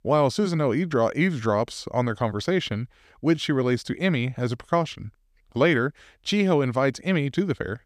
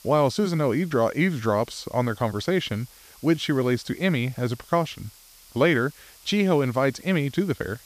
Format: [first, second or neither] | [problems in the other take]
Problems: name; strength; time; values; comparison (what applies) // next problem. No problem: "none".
first | hiss; faint; throughout; 25 dB below the speech